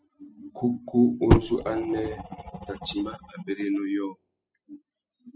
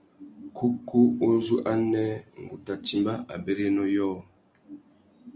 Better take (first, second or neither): second